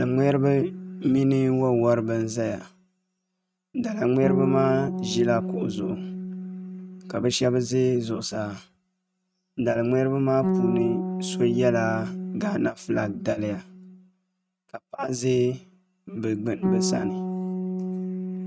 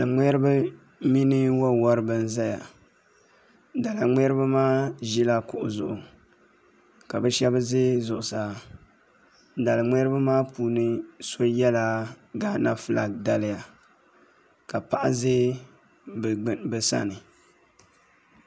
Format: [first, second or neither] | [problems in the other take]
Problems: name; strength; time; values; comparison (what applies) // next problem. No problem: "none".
second | noise reduction (neural mask model RNNoise)